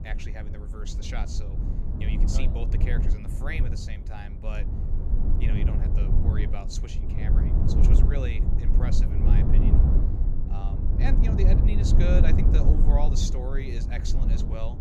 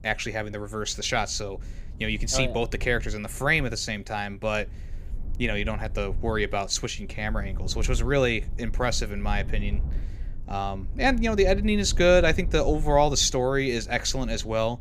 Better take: second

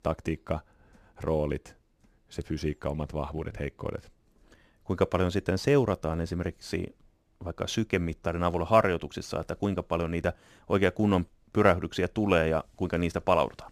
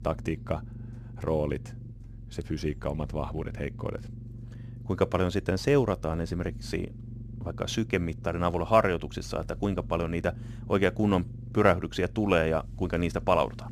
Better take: first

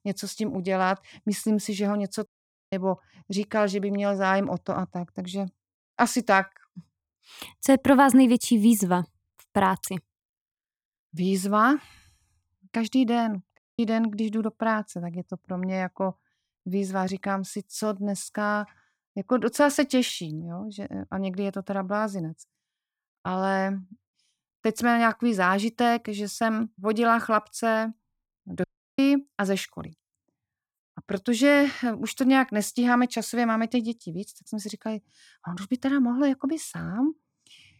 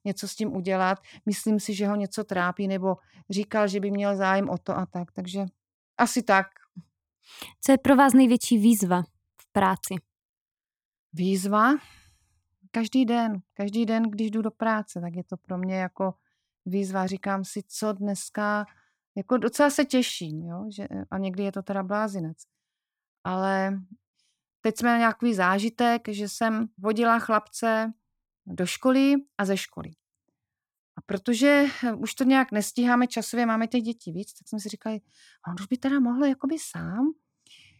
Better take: second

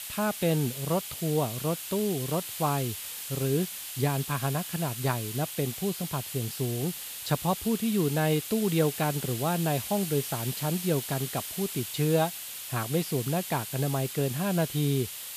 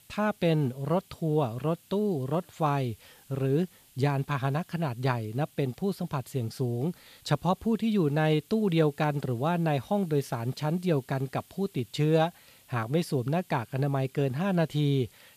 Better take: second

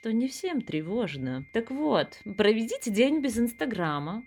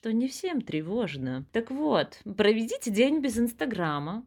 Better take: second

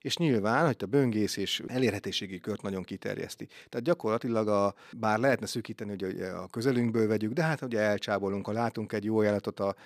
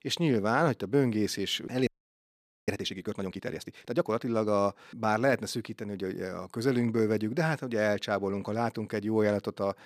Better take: first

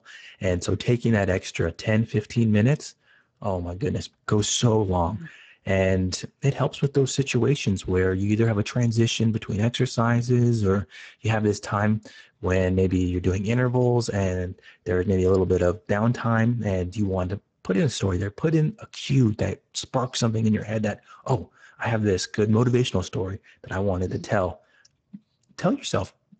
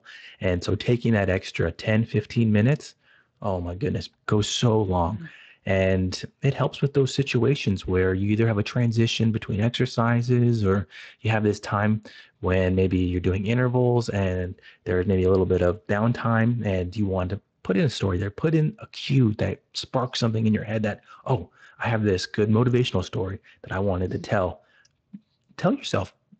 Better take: second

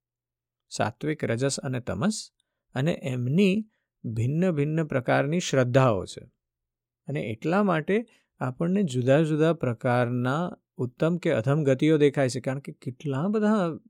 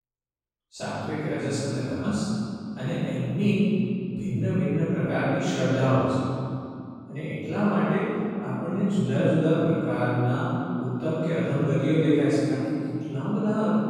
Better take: first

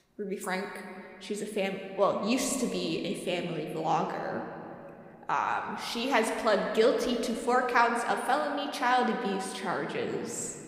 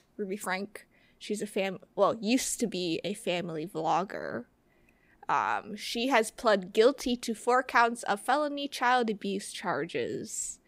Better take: second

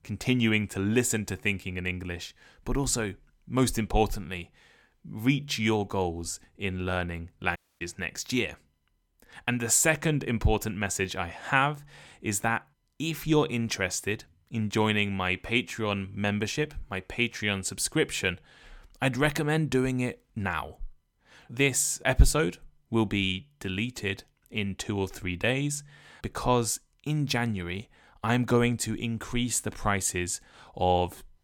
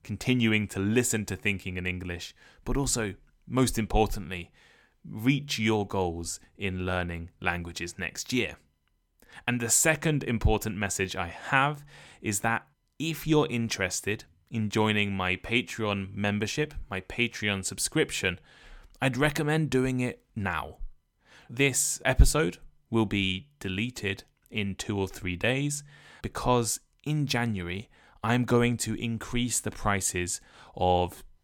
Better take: second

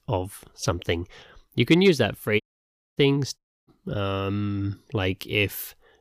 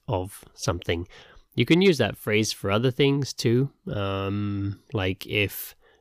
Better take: second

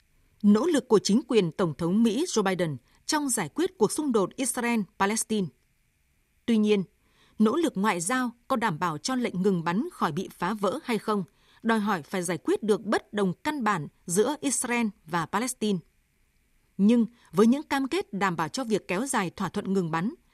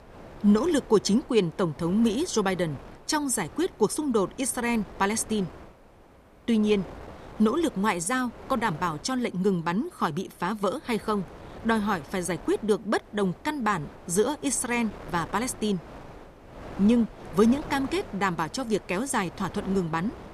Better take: first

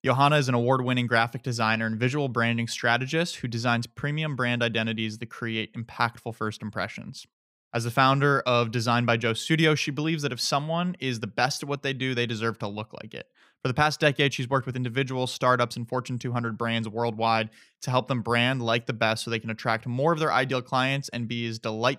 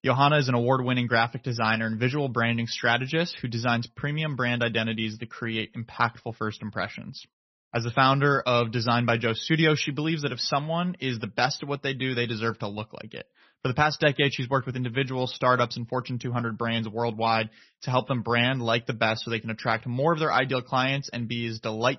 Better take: first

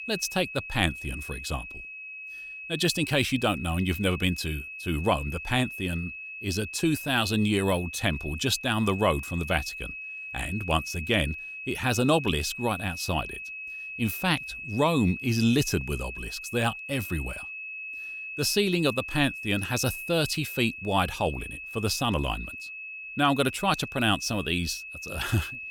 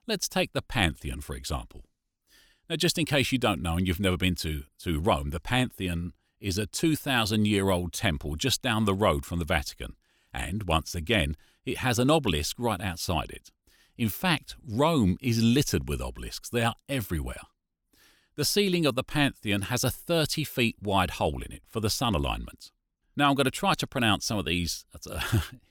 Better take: second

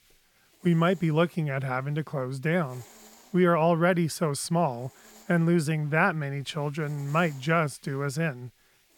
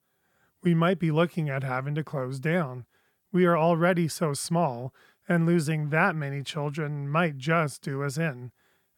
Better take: second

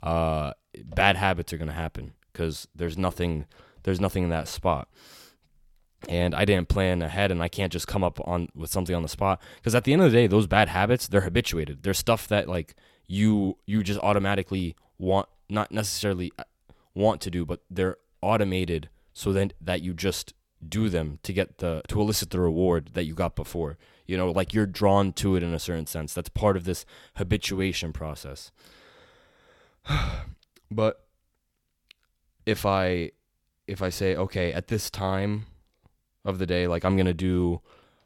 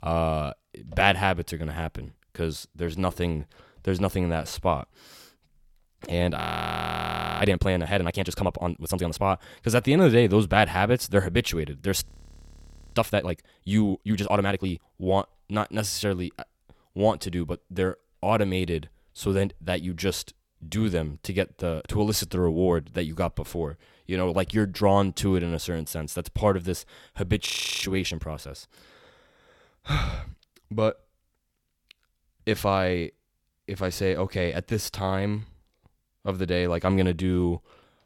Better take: first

